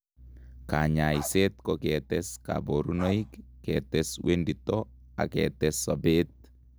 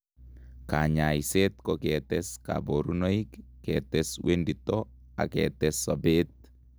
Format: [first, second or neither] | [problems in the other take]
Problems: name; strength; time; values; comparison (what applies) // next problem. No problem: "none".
second | background sound (Bark); 18 dB below the speech